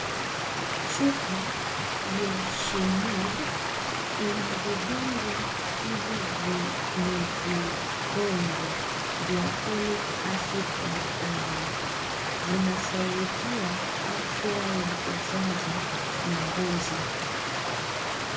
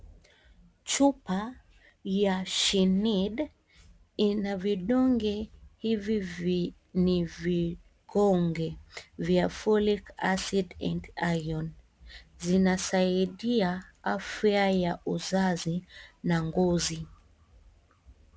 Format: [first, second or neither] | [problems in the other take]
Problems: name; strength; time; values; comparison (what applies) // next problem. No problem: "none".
second | background sound (Stream); 3 dB above the speech // room echo; dies away in 0.3 s